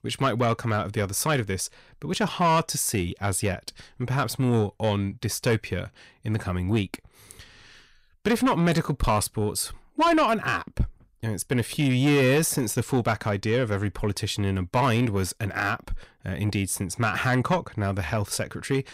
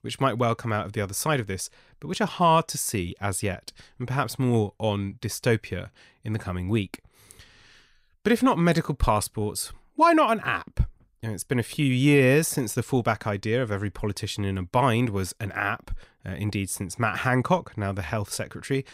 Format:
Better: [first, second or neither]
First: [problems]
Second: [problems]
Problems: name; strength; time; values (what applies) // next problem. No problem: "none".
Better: second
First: distortion; slight; 10 dB below the speech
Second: none